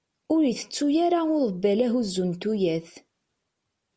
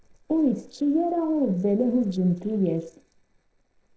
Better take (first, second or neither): first